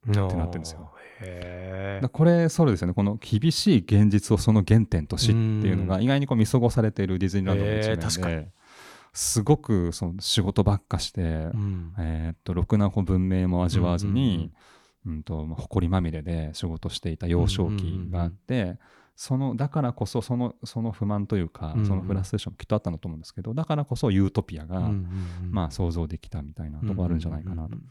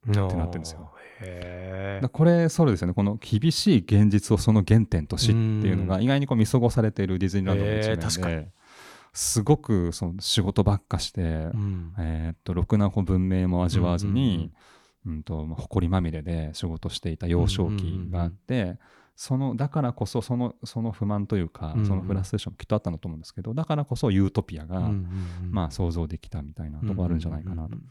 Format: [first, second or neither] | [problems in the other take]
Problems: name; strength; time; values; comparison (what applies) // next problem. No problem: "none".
neither | none